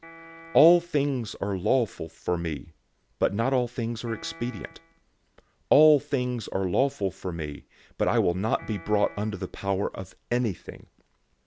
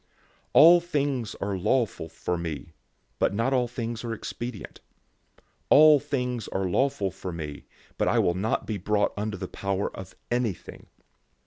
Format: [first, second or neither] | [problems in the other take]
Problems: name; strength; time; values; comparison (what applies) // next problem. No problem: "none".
second | background sound (Piano); 20 dB below the speech